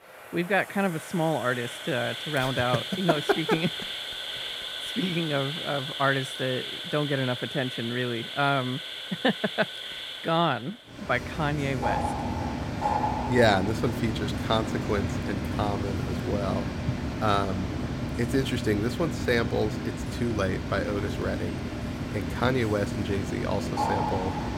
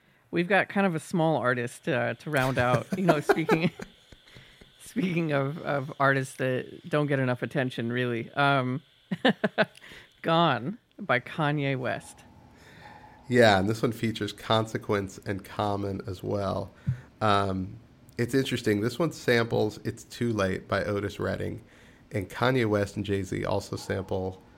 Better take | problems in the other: second | animal sounds; loud; throughout; 3 dB below the speech; faint in the second

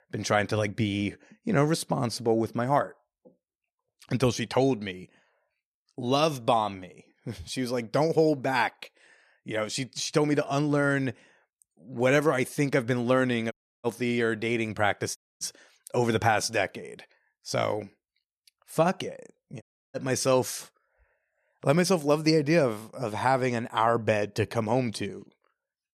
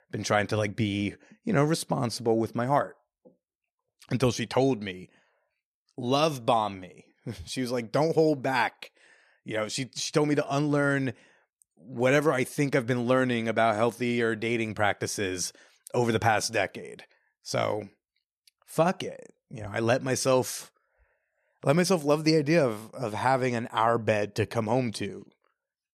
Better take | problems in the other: second | audio cutting out; at 14 s, at 15 s and at 20 s

